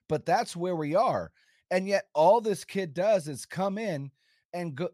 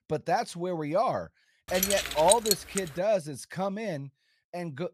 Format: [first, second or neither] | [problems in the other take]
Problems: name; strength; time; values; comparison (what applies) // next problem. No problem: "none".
first | jangling keys; loud; from 2 to 3 s; peak 4 dB above the speech